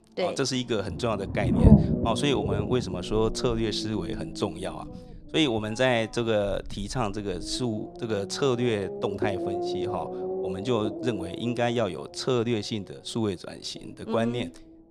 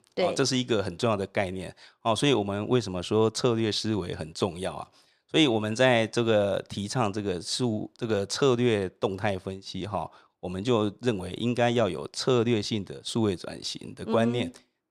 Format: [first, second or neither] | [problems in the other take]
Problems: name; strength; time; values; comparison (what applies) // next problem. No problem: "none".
second | low rumble; loud; throughout; 5 dB below the speech